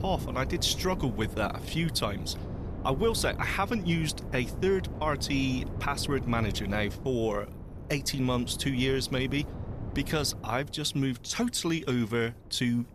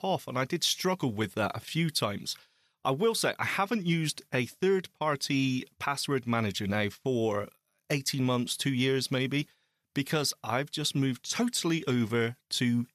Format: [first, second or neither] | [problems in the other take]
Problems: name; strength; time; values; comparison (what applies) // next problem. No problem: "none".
second | wind noise on the microphone; occasional gusts; 15 dB below the speech